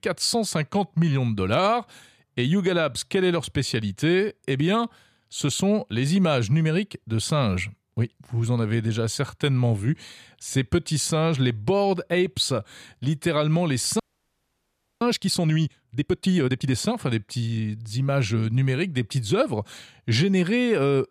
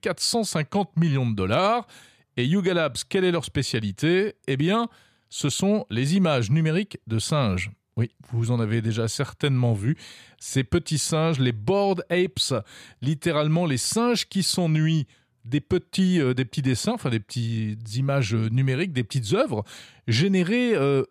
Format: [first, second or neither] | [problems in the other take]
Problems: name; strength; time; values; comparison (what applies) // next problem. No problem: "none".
second | audio freezing; at 14 s for 1 s